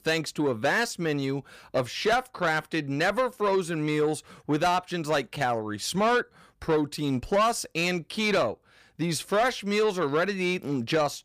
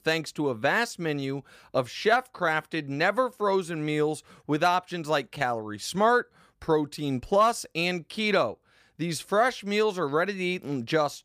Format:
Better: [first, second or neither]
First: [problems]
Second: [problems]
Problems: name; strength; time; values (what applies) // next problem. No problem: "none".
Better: second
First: distortion; slight; 10 dB below the speech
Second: none